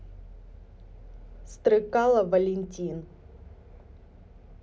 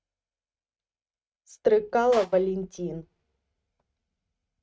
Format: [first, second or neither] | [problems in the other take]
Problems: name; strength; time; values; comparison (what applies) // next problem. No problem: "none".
first | noise reduction (neural mask model RNNoise)